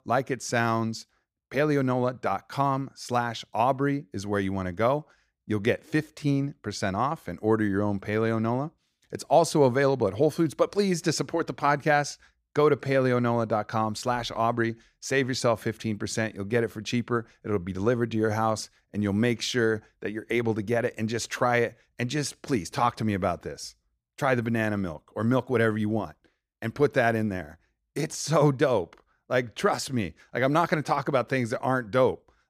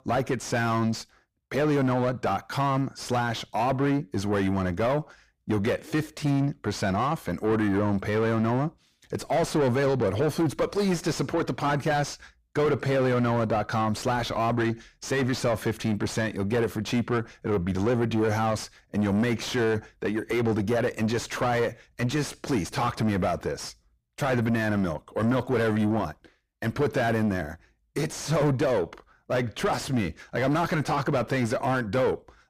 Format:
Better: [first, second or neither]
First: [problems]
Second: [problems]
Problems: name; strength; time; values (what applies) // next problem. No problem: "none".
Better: first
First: none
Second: distortion; heavy; 6 dB below the speech